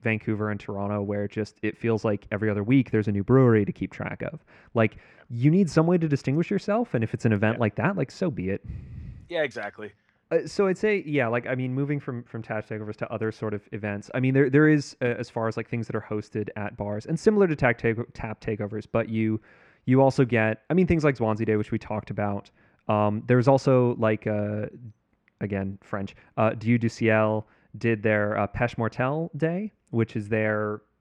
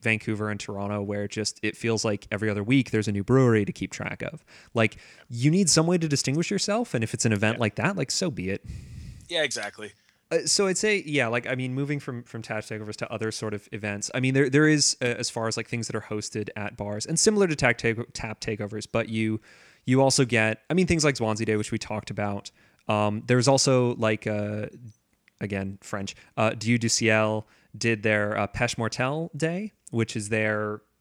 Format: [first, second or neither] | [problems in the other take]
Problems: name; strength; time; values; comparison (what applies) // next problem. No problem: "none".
second | muffled; very; fading above 3.5 kHz